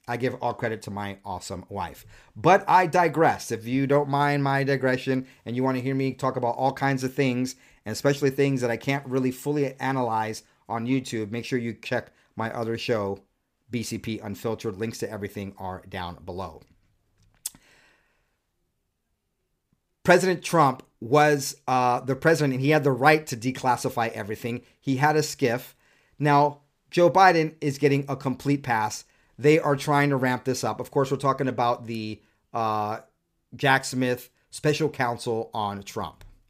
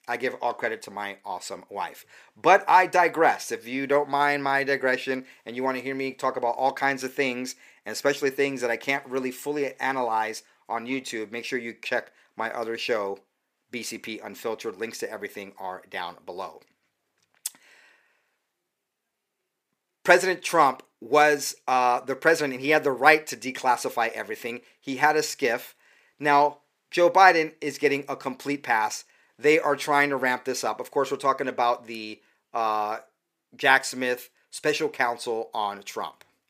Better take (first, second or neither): first